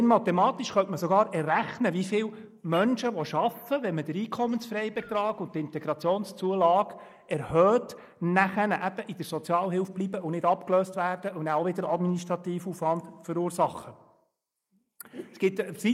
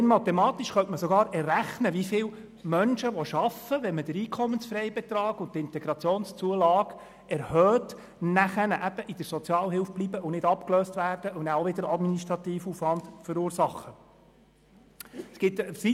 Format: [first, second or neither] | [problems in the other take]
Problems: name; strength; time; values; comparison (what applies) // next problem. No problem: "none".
second | noise reduction (neural mask model Resemble Enhance denoiser)